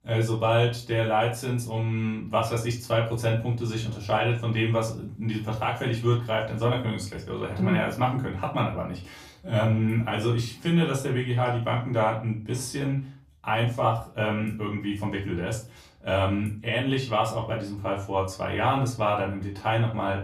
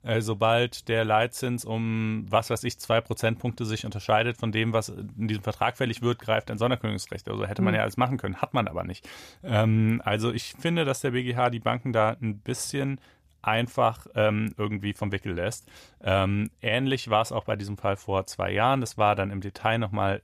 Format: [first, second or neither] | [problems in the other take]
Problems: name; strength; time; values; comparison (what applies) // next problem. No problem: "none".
second | off-mic speech; far // room echo; slight; dies away in 0.3 s